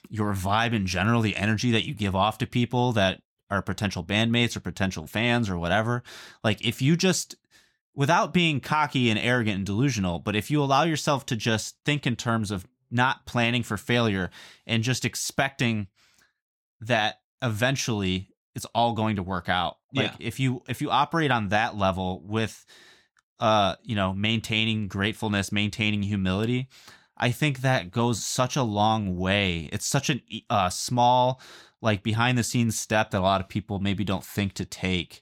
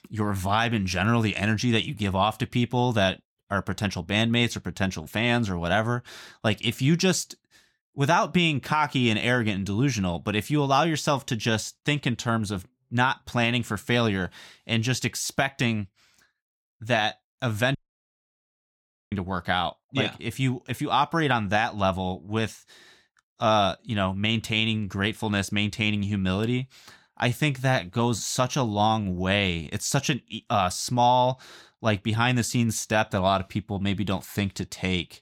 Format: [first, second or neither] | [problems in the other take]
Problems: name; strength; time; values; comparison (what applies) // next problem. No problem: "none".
first | audio cutting out; at 18 s for 1.5 s